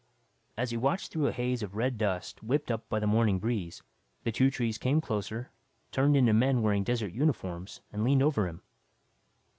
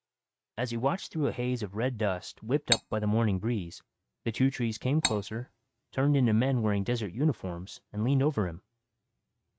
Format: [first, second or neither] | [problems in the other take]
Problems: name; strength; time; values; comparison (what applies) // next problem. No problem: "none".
first | noise reduction (neural mask model RNNoise)